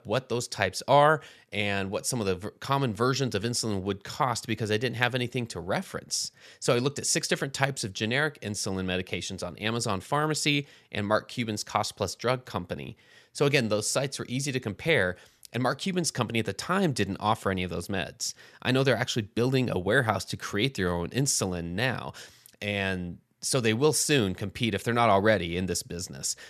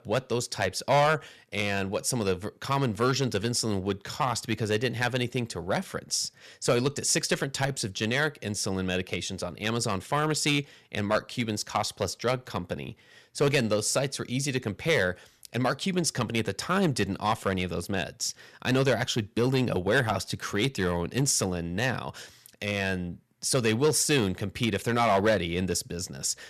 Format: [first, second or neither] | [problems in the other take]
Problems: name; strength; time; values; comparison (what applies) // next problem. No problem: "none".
first | distortion; slight; 2% of the sound clipped